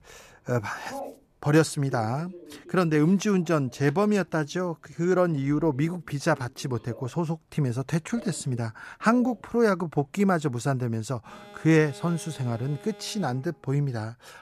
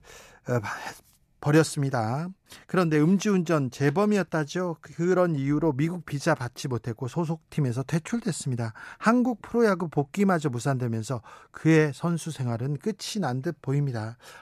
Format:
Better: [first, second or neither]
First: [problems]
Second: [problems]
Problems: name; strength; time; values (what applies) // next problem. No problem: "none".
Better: second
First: alarms or sirens; faint; throughout; 20 dB below the speech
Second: none